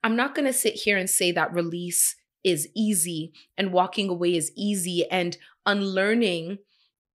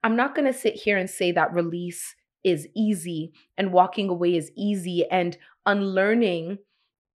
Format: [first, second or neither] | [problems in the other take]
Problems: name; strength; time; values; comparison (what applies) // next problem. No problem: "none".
first | muffled; very; fading above 3.5 kHz